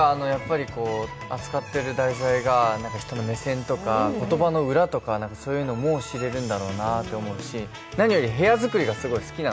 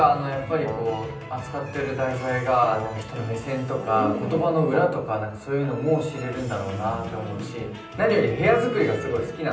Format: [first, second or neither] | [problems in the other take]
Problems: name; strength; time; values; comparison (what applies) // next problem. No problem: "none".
first | background sound (Brass instrument); 12 dB below the speech // room echo; dies away in 0.6 s